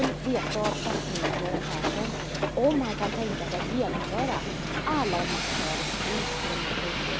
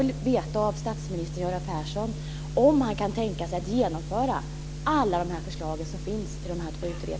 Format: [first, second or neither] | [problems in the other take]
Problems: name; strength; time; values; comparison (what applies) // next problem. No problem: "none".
second | background sound (Hiss); as loud as the speech